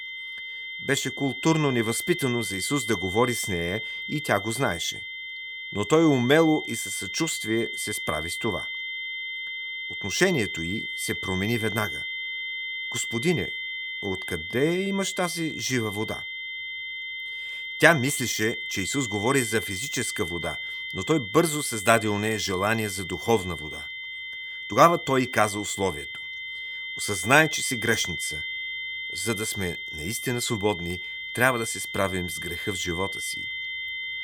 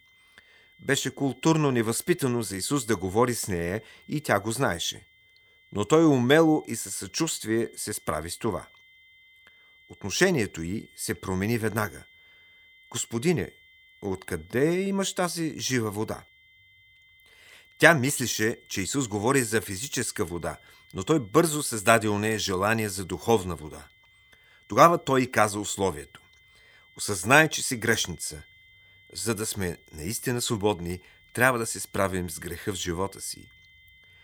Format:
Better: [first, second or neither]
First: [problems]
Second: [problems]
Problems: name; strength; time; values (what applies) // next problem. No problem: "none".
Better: second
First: high-pitched whine; loud; throughout; 2 kHz, 6 dB below the speech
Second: high-pitched whine; faint; throughout; 2 kHz, 30 dB below the speech